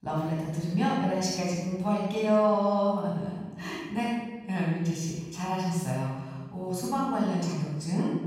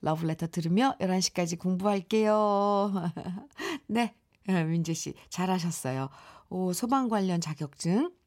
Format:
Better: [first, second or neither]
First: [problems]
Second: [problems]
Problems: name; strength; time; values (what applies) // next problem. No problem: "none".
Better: second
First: off-mic speech; far // room echo; strong; dies away in 1.2 s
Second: none